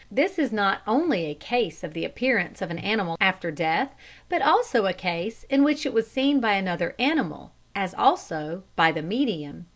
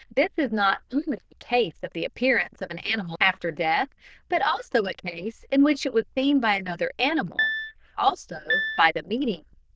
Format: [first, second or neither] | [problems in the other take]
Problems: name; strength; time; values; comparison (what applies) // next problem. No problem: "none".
first | noise reduction (neural diffusion model UNIVERSE++)